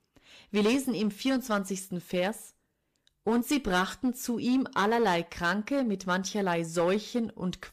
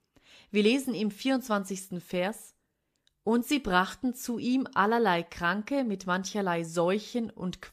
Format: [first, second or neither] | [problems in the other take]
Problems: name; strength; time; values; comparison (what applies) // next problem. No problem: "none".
second | distortion; slight; 5% of the sound clipped